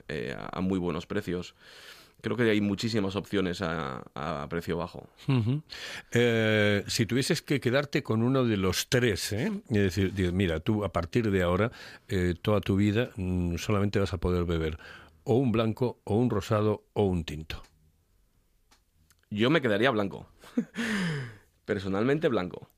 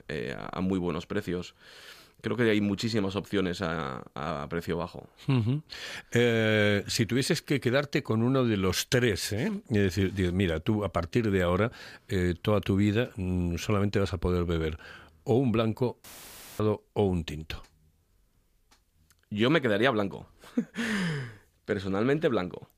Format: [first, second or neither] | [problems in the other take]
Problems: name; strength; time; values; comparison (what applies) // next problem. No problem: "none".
first | audio cutting out; filled with static; at 16 s for 0.5 s